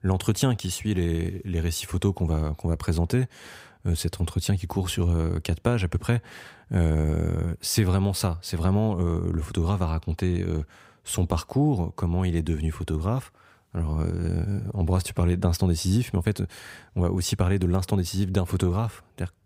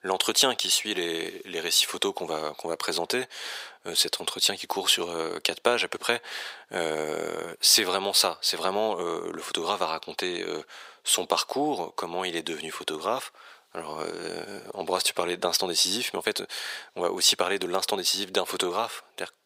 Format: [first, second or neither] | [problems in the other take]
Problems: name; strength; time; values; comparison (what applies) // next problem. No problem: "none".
first | thin; very; fading below 450 Hz